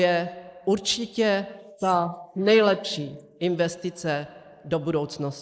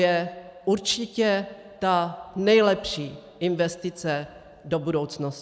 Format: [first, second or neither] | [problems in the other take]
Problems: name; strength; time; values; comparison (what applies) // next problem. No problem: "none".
second | noise reduction (neural mask model Resemble Enhance denoiser)